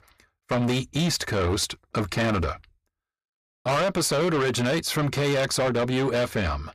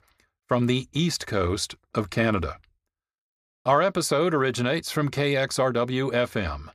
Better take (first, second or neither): second